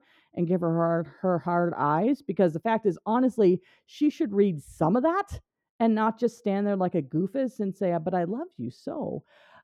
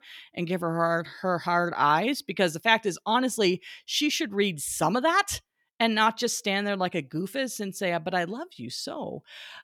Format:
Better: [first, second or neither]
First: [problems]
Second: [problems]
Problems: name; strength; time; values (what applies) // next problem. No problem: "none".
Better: second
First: muffled; very; fading above 1 kHz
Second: none